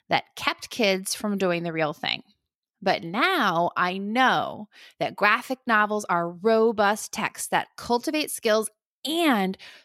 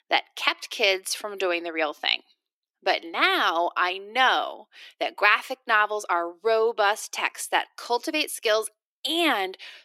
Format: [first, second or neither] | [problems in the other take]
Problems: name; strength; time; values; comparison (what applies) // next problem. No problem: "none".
first | thin; somewhat; fading below 300 Hz